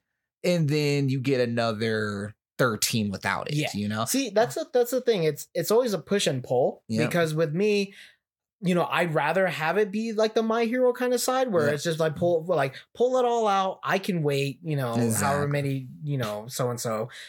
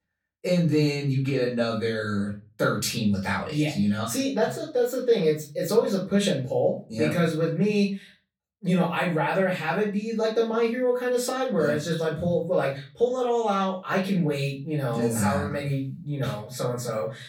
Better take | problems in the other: first | room echo; slight; dies away in 0.3 s // off-mic speech; far

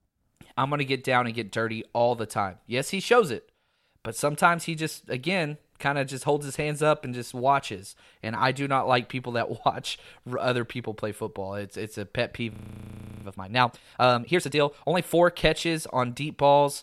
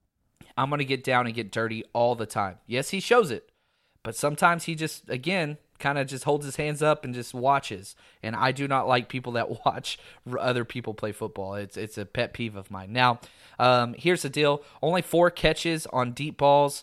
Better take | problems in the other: second | audio freezing; at 13 s for 0.5 s

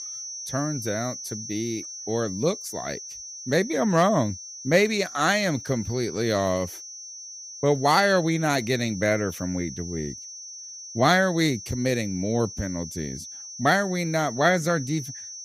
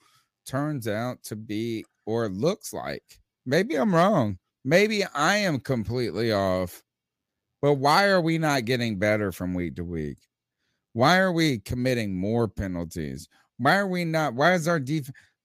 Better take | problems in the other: second | high-pitched whine; noticeable; throughout; 6 kHz, 10 dB below the speech

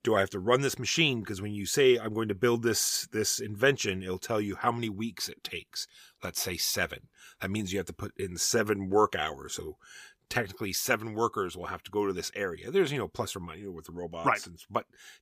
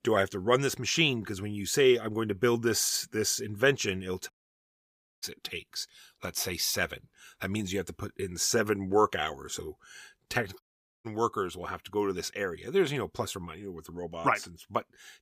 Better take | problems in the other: first | audio cutting out; at 4.5 s for 1 s and at 11 s

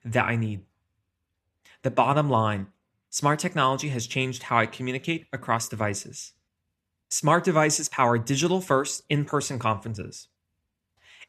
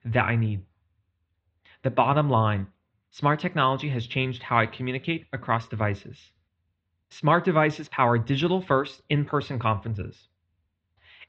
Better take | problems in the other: first | muffled; very; fading above 4 kHz

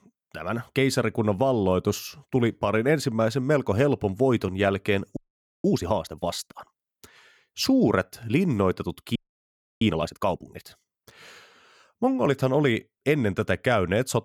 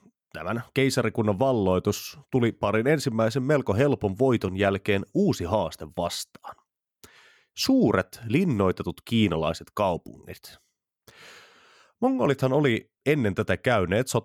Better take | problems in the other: second | audio freezing; at 5 s and at 9 s for 0.5 s

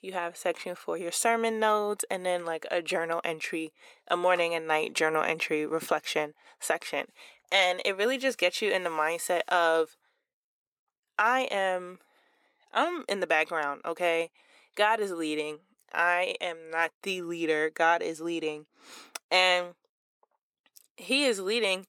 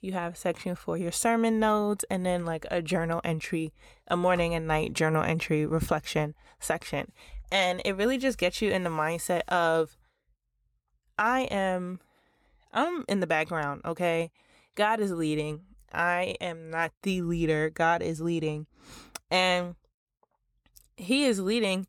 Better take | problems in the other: second | thin; somewhat; fading below 350 Hz

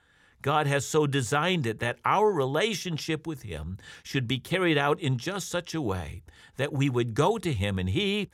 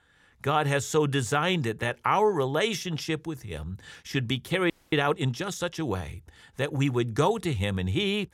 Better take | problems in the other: first | audio freezing; at 4.5 s

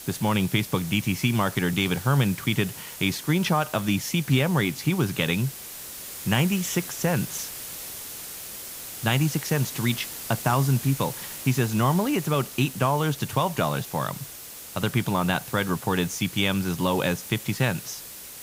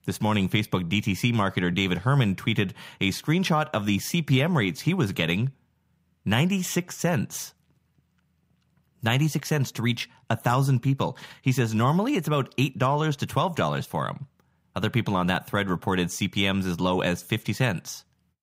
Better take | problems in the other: second | hiss; noticeable; throughout; 10 dB below the speech

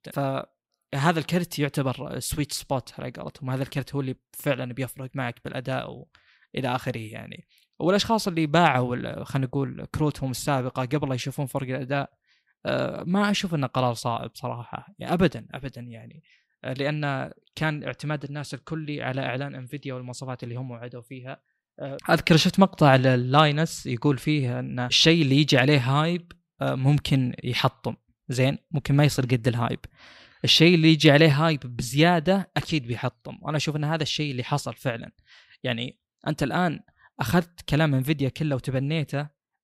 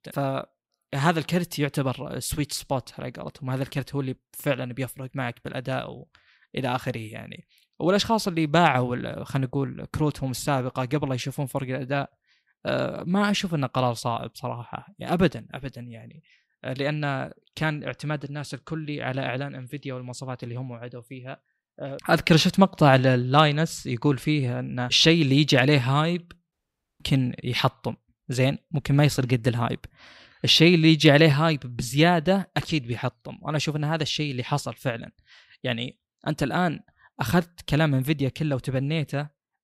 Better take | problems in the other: first | audio cutting out; at 27 s

